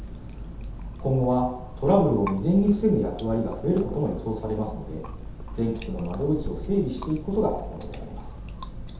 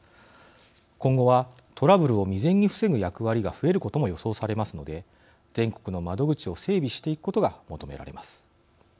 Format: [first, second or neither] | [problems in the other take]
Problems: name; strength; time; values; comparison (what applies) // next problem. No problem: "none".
second | background sound (Chewing, mastication); 10 dB below the speech // room echo; dies away in 0.8 s